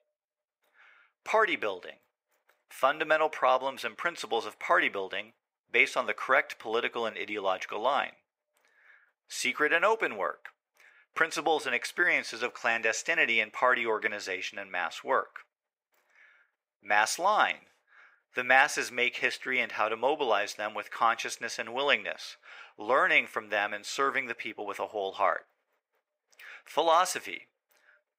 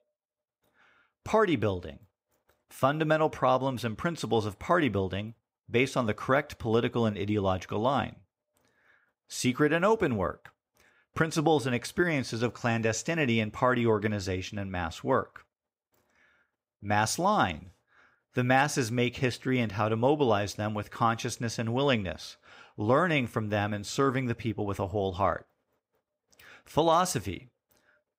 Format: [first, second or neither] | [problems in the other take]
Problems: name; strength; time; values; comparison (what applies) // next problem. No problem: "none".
second | thin; very; fading below 600 Hz